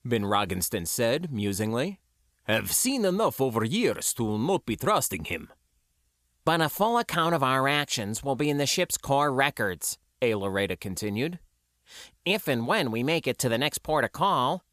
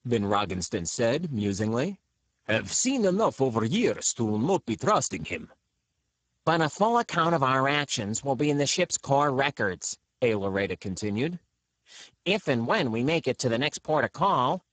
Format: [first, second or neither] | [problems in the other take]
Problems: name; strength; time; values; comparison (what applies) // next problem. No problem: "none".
first | garbled, watery; badly; nothing above 7.5 kHz